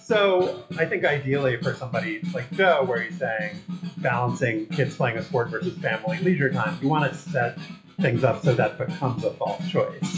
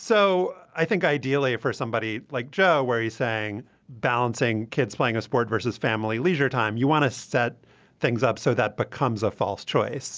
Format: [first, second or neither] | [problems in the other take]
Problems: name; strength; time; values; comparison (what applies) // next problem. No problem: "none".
second | noise reduction (classical method WPE with log-MMSE)